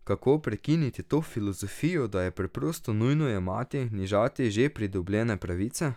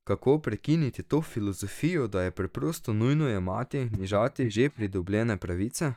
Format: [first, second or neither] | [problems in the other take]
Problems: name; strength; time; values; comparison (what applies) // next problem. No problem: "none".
first | noise reduction (neural mask model DeepFilterNet 3)